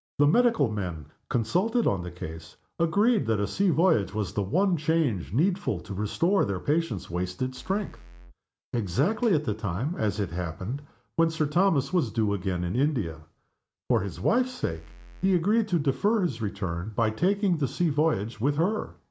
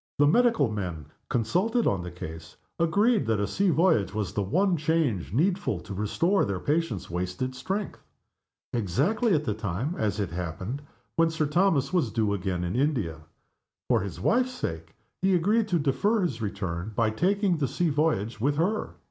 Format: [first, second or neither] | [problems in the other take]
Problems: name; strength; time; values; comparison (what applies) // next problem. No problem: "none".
second | background sound (Bass drum / Keyboard (musical)); 19 dB below the speech